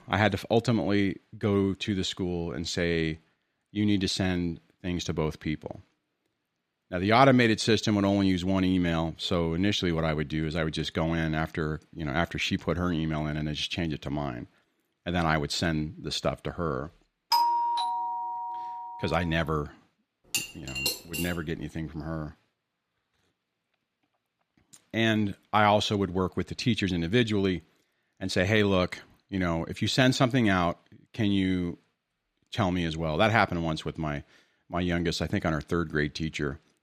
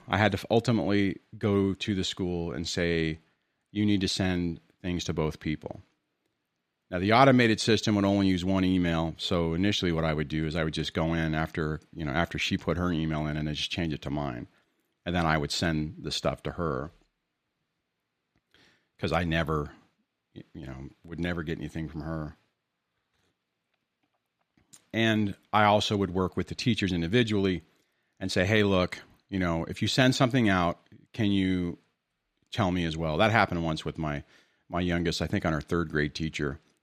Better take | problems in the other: second | doorbell; loud; from 17 to 19 s; peak 4 dB above the speech // clattering dishes; noticeable; at 20 s; peak 2 dB below the speech

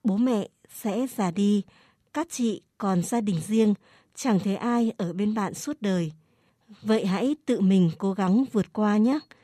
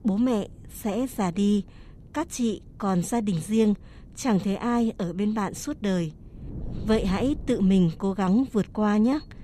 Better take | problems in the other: first | wind noise on the microphone; occasional gusts; 25 dB below the speech

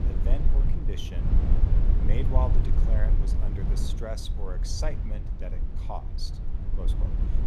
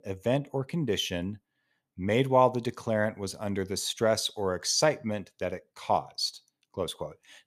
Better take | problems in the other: second | low rumble; loud; throughout; 4 dB below the speech

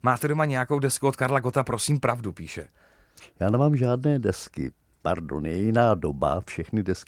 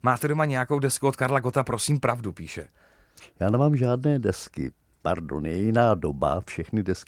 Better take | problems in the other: neither | garbled, watery; slightly; nothing above 15.5 kHz; the same in both

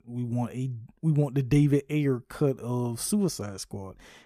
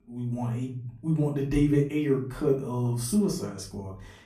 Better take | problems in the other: first | off-mic speech; far // room echo; slight; dies away in 0.4 s

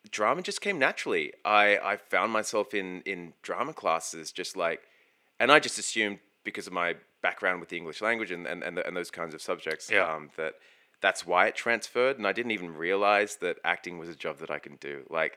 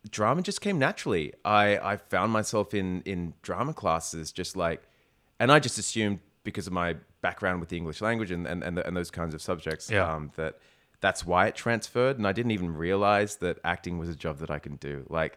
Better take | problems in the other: second | thin; somewhat; fading below 350 Hz

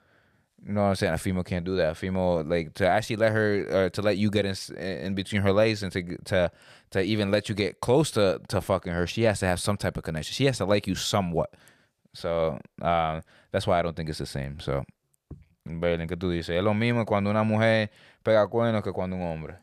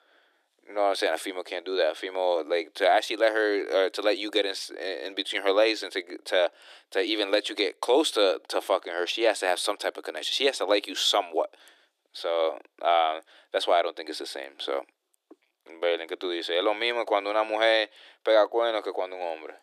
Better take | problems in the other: first | thin; very; fading below 300 Hz

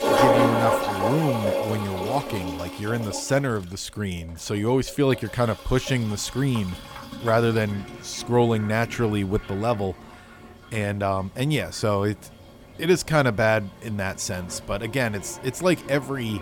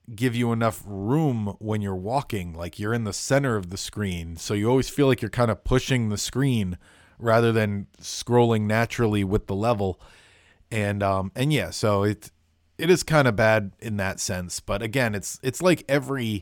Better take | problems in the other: second | household noises; loud; throughout; 3 dB below the speech

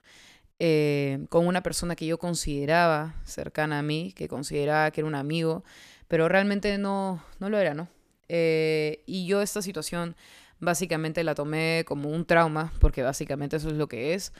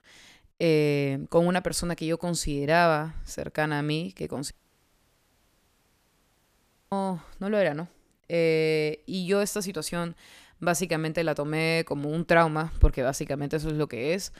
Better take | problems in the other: first | audio cutting out; at 4.5 s for 2.5 s

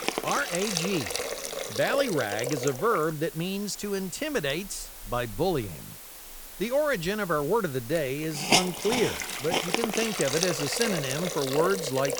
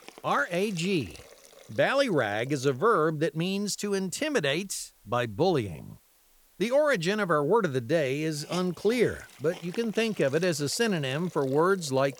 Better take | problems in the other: second | hiss; loud; throughout; 2 dB below the speech; faint in the second

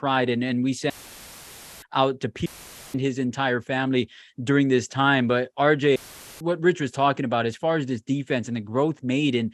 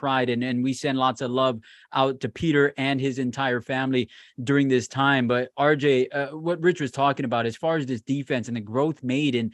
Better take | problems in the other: second | audio cutting out; filled with static; at 1 s for 1 s, at 2.5 s and at 6 s

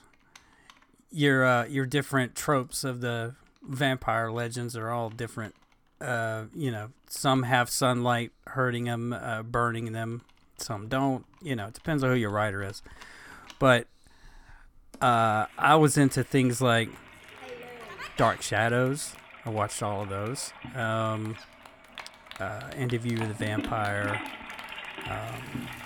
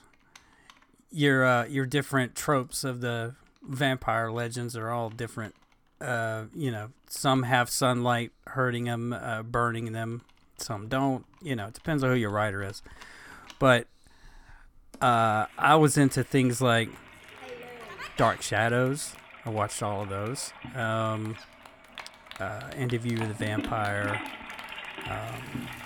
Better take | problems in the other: neither | household noises; noticeable; throughout; 15 dB below the speech; the same in both

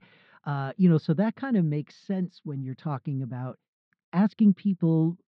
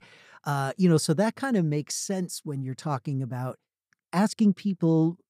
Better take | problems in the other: second | muffled; slightly; fading above 4 kHz

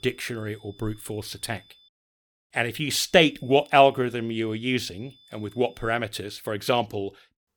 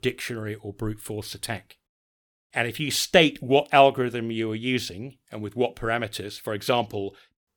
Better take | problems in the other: second | high-pitched whine; faint; until 2 s and from 3 to 6 s; 3.5 kHz, 30 dB below the speech

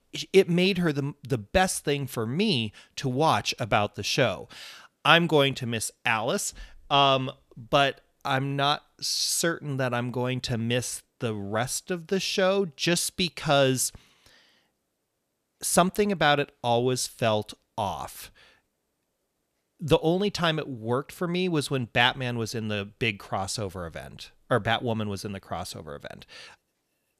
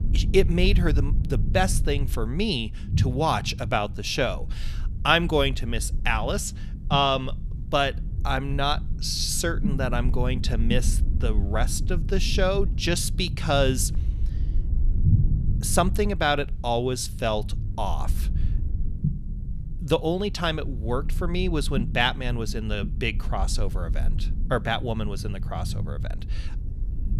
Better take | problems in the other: first | low rumble; noticeable; throughout; 15 dB below the speech

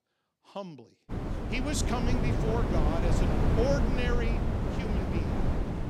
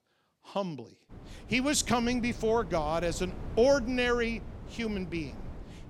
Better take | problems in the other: second | wind noise on the microphone; heavy; from 1 s on; as loud as the speech; occasional gusts in the second

